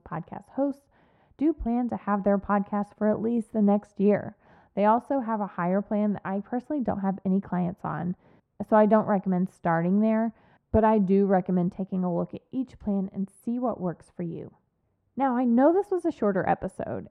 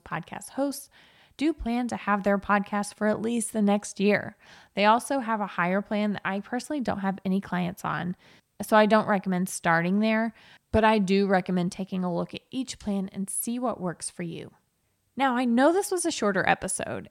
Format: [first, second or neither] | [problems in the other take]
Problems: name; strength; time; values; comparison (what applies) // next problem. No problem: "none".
second | muffled; very; fading above 2 kHz